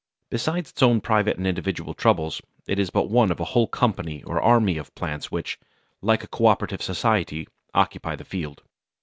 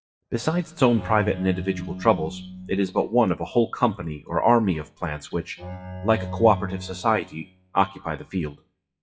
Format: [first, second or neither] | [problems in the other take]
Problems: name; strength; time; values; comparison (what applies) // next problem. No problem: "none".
first | noise reduction (classical method WPE with log-MMSE)